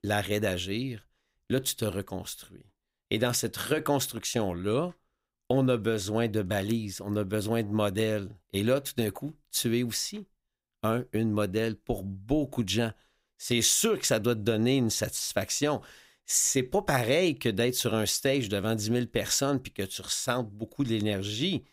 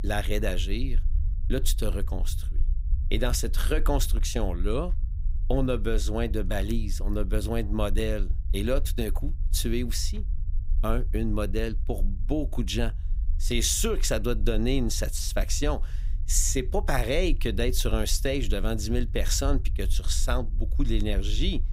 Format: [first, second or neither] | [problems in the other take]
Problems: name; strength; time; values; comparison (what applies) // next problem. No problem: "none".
first | low rumble; faint; throughout; 20 dB below the speech